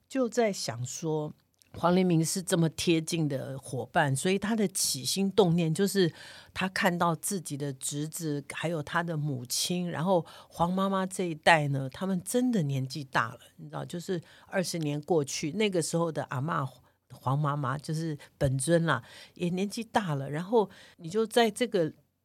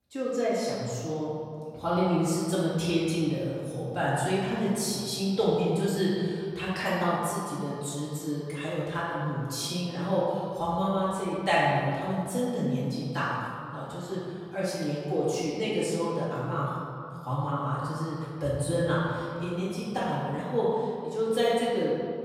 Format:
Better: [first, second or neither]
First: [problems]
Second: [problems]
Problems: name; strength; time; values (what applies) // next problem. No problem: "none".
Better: first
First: none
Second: room echo; strong; dies away in 2.2 s // off-mic speech; far